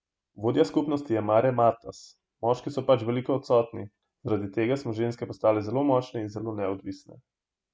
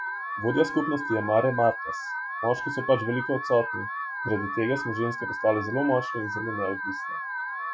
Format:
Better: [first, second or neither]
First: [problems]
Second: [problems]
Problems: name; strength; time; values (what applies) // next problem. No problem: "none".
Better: first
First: none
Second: noise reduction (classical method Wiener filter)